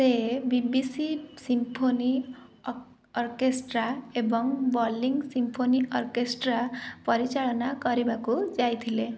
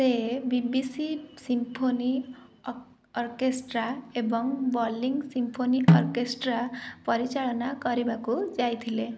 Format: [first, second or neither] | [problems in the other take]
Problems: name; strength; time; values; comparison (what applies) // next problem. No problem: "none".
first | background sound (Snare drum); 2 dB above the speech